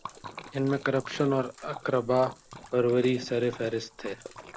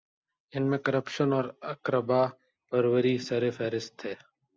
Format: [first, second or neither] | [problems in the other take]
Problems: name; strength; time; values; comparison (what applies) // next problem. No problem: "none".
second | background sound (Splash, splatter); 17 dB below the speech